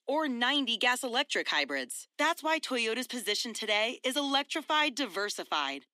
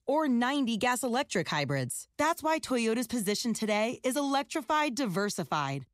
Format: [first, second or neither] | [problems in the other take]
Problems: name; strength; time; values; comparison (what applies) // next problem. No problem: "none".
second | thin; very slightly; fading below 250 Hz